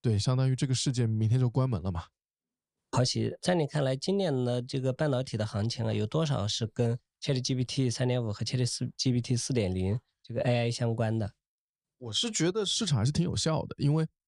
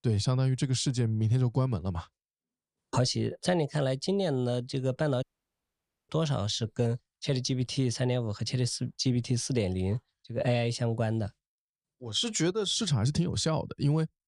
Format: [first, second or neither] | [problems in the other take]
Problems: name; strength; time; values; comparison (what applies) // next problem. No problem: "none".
first | audio cutting out; at 5 s for 1 s